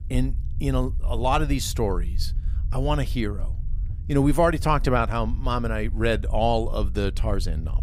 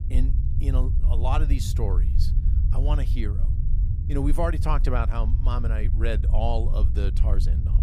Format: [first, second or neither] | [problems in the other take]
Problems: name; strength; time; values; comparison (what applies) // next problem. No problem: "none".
first | low rumble; loud; throughout; 10 dB below the speech; faint in the first